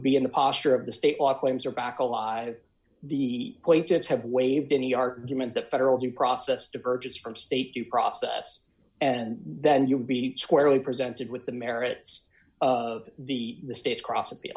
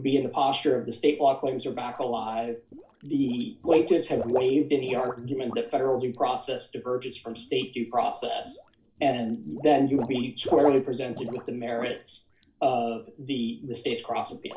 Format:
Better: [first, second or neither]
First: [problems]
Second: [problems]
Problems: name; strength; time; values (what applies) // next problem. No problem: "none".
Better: first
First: none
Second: noise reduction (neural separator model SepFormer DNS4)